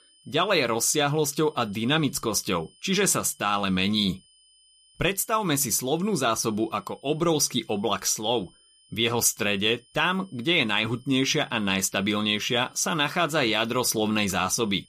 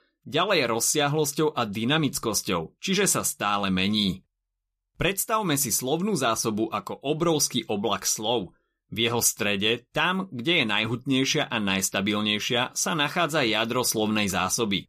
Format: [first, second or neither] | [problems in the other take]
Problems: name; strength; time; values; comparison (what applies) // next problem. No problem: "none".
second | high-pitched whine; faint; throughout; 3 kHz, 30 dB below the speech